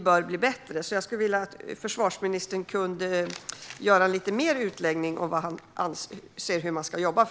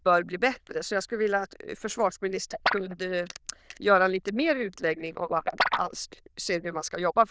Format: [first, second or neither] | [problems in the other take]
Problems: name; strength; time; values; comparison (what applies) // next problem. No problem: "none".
first | noise reduction (neural diffusion model UNIVERSE++)